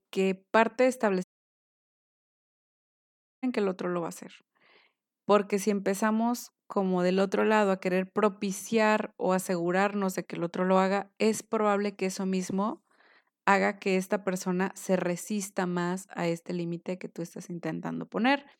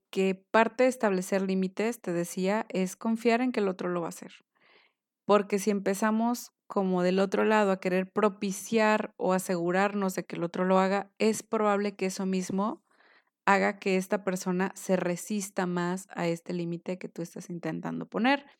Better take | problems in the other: second | audio cutting out; at 1 s for 2 s

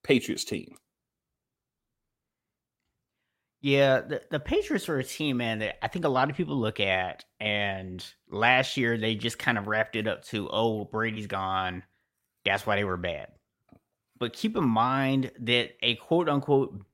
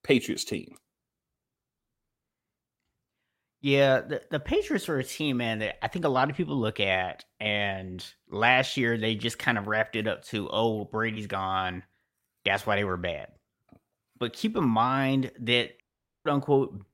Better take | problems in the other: first | audio cutting out; at 16 s

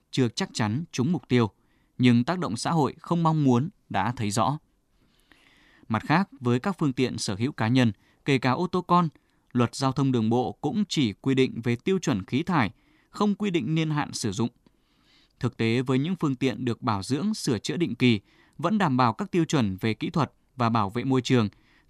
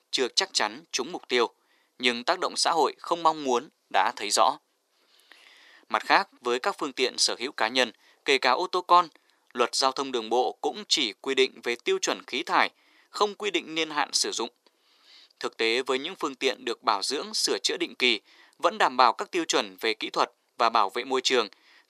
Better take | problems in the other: first | thin; very; fading below 450 Hz

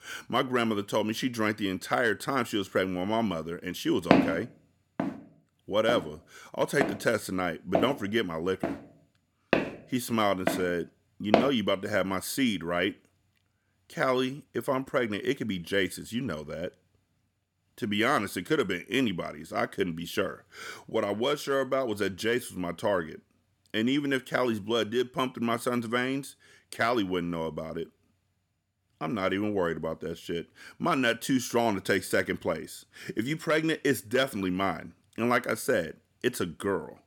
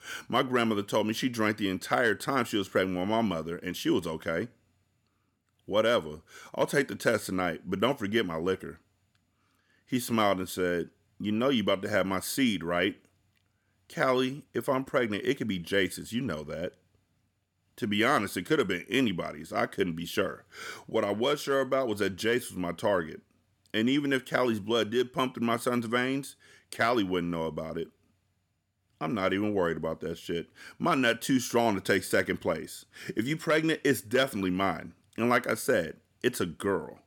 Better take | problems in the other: second | footsteps; loud; from 4 to 11 s; peak 6 dB above the speech

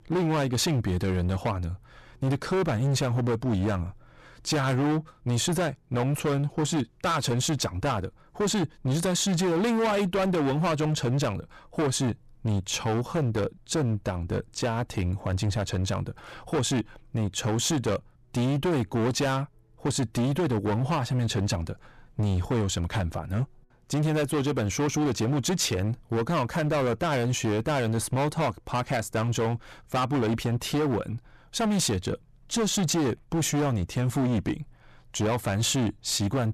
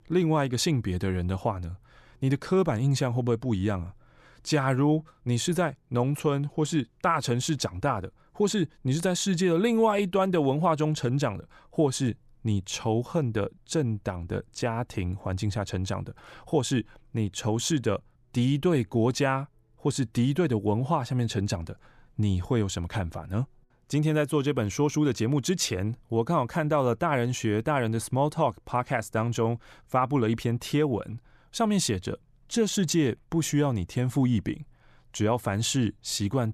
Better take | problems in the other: second | distortion; heavy; 21% of the sound clipped

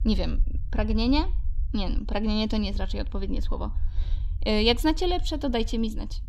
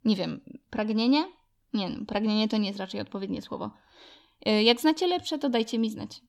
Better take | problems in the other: second | low rumble; faint; throughout; 25 dB below the speech

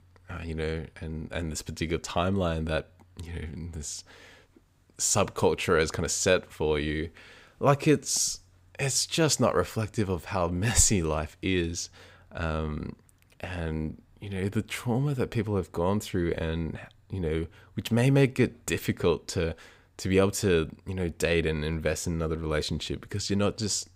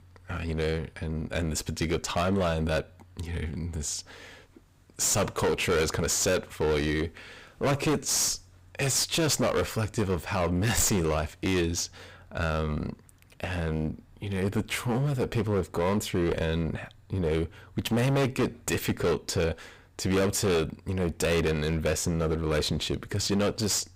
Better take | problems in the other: first | distortion; heavy; 16% of the sound clipped

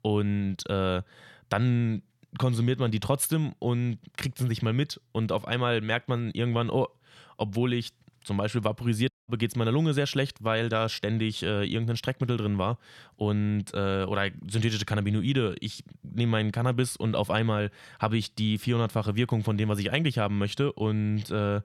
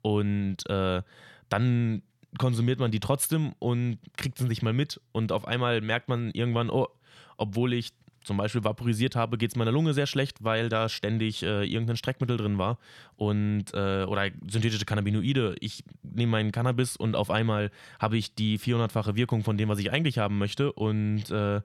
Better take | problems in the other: second | audio cutting out; at 9 s

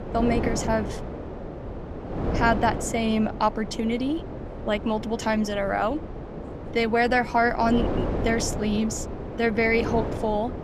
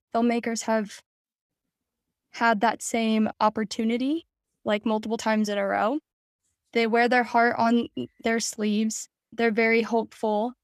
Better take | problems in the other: second | wind noise on the microphone; heavy; 10 dB below the speech

